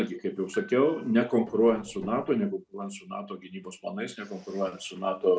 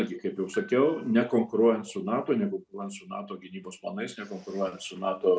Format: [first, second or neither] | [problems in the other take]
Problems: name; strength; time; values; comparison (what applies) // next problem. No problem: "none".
second | background sound (Tap); 19 dB below the speech